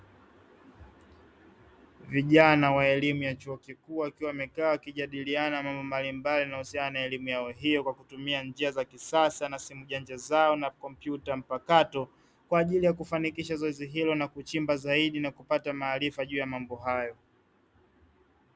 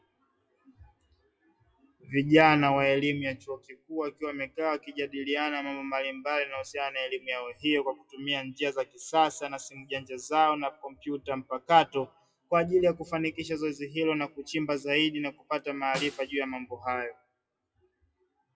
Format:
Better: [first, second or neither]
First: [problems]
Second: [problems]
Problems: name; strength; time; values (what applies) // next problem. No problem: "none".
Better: first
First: none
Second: noise reduction (classical method WPE with log-MMSE)